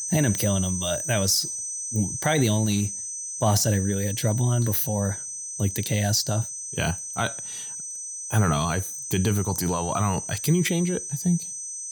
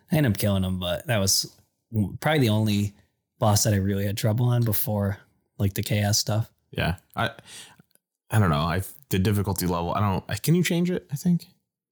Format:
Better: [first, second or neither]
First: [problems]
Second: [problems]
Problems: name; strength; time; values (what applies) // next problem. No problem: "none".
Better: second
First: high-pitched whine; loud; throughout; 6 kHz, 6 dB below the speech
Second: none